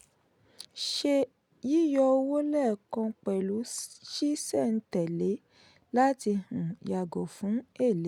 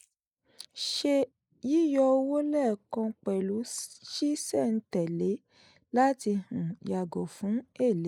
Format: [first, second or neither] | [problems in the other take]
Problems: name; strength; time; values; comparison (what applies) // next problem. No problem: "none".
first | noise reduction (neural mask model Resemble Enhance denoiser)